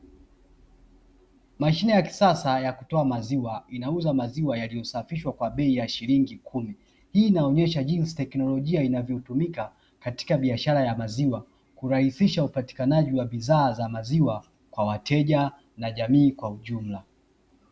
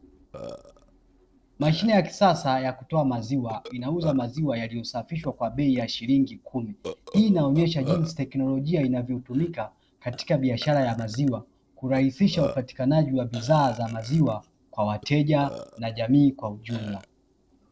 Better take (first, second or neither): first